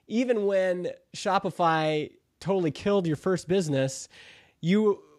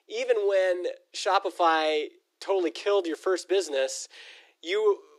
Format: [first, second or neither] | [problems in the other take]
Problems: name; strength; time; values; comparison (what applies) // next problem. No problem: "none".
first | thin; very; fading below 350 Hz